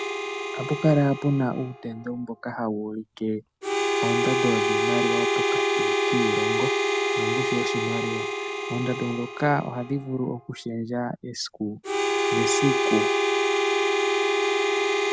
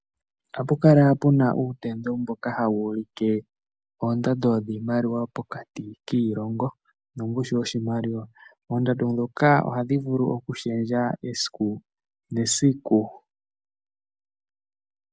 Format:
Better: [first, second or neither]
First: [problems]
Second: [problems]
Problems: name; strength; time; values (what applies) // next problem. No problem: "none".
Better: second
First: background sound (Harmonica); 3 dB above the speech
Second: none